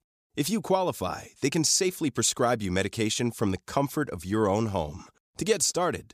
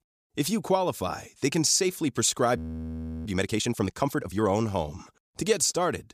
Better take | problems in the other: first | audio freezing; at 2.5 s for 0.5 s

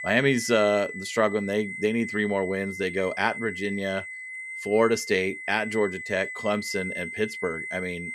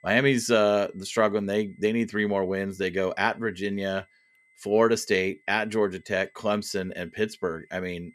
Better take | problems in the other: second | high-pitched whine; loud; throughout; 2 kHz, 8 dB below the speech; faint in the second

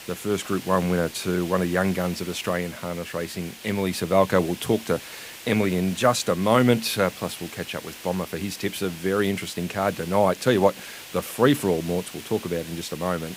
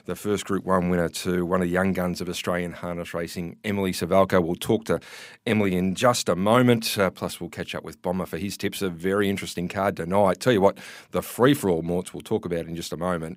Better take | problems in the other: second | hiss; noticeable; throughout; 15 dB below the speech

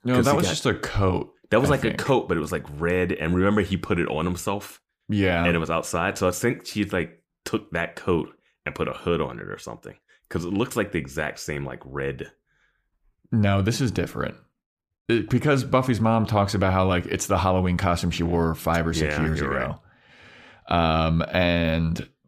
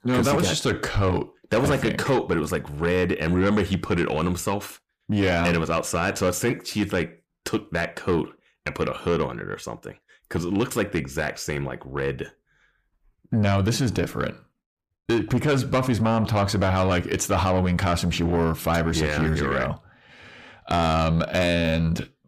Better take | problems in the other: first | distortion; slight; 10 dB below the speech

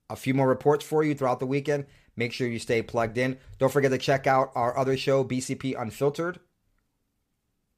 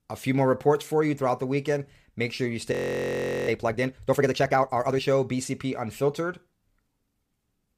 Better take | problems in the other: first | audio freezing; at 2.5 s for 1 s

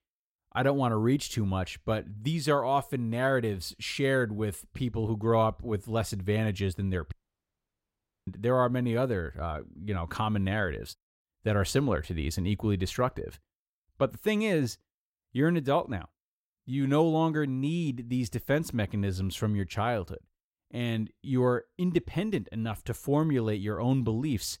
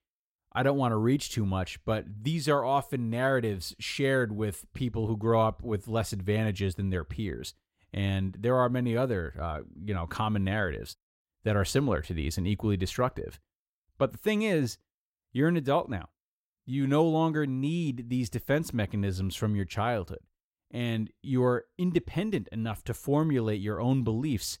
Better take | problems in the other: second | audio cutting out; at 7 s for 1 s

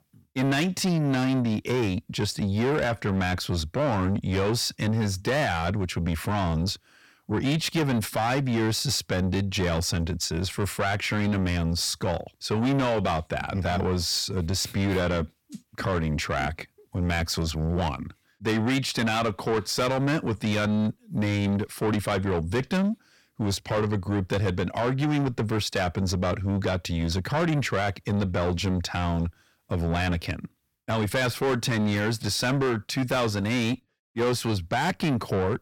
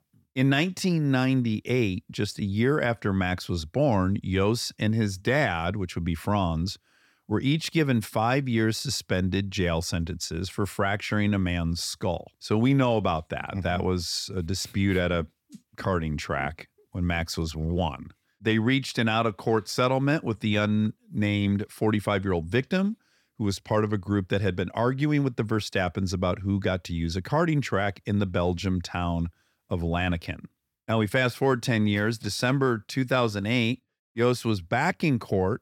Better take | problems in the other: second | distortion; heavy; 7 dB below the speech

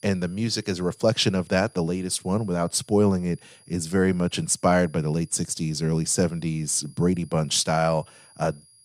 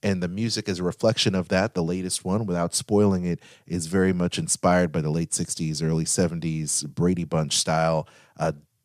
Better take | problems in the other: second | high-pitched whine; faint; throughout; 10.5 kHz, 30 dB below the speech

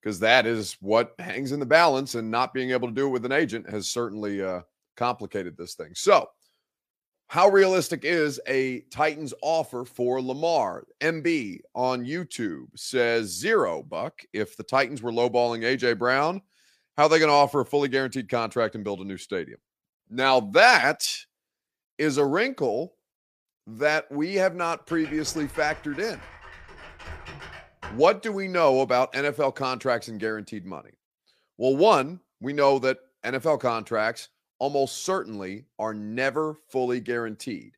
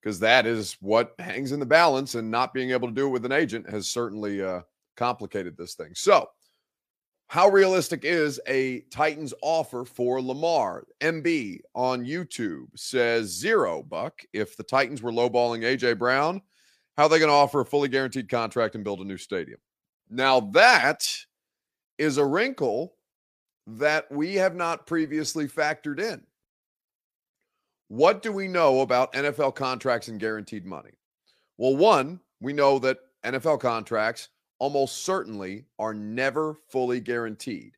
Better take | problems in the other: second | keyboard typing; faint; from 25 to 28 s; peak 15 dB below the speech

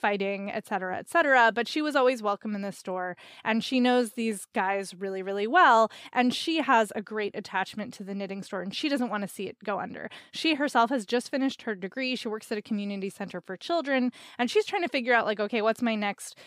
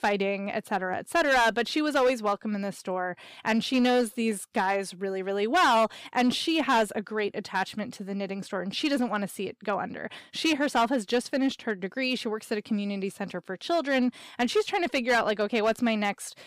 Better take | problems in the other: first | distortion; slight; 5% of the sound clipped

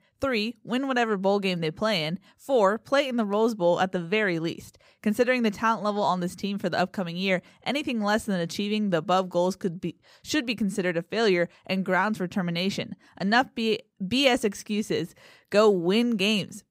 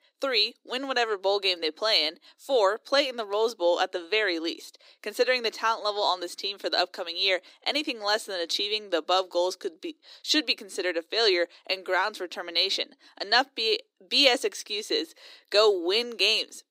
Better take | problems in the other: first | thin; somewhat; fading below 300 Hz

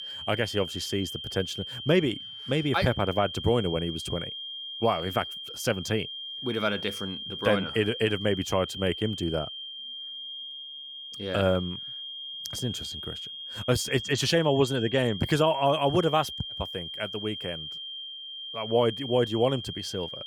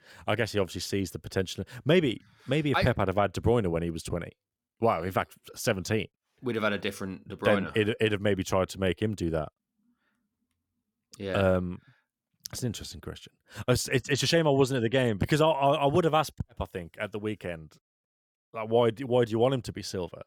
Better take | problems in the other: second | high-pitched whine; loud; throughout; 3 kHz, 8 dB below the speech

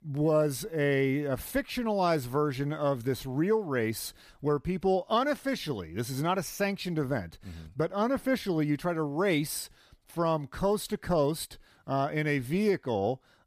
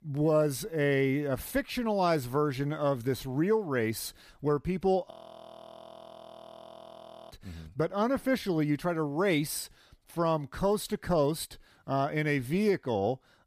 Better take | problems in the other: first | audio freezing; at 5 s for 2 s

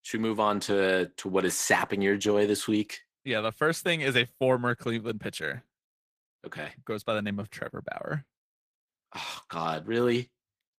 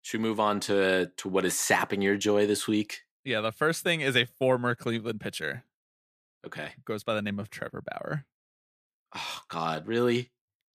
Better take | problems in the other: second | garbled, watery; slightly; nothing above 14.5 kHz

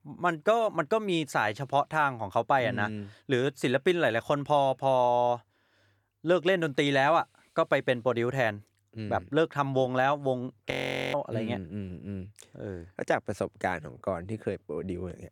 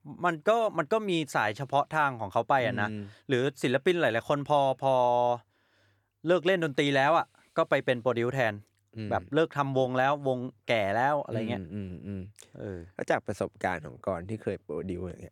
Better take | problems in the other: second | audio freezing; at 11 s

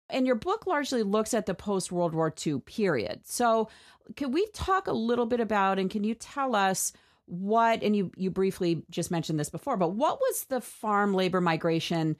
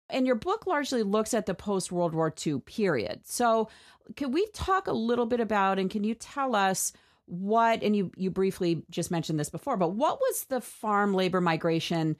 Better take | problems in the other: neither | none

